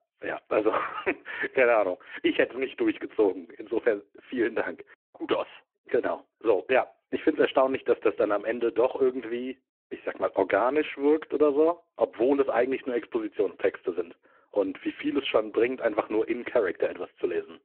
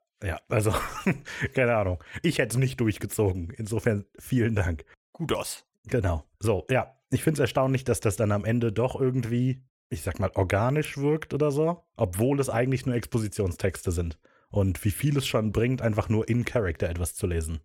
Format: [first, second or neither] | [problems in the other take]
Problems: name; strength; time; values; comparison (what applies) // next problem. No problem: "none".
second | phone-call audio